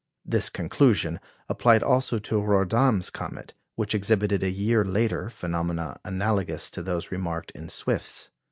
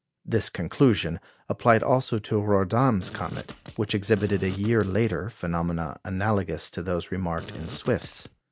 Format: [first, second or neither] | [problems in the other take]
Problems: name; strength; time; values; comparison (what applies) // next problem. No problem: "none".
first | background sound (Fart); 16 dB below the speech